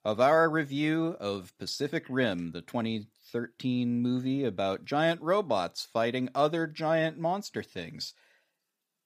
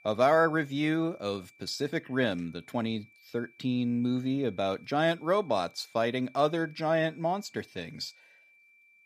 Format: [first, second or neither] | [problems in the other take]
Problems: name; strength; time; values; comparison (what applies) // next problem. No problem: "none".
first | high-pitched whine; faint; throughout; 2.5 kHz, 25 dB below the speech